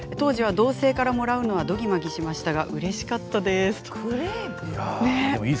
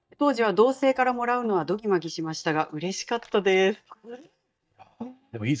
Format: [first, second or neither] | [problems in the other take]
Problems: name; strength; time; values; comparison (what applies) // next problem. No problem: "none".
first | noise reduction (neural mask model DeepFilterNet 3)